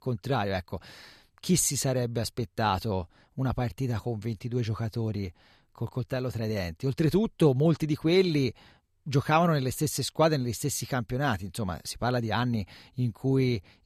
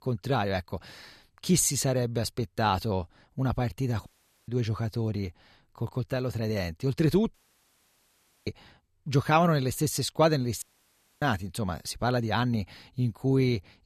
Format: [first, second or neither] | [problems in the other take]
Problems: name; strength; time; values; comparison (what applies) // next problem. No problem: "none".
first | audio cutting out; at 4 s, at 7.5 s for 1 s and at 11 s for 0.5 s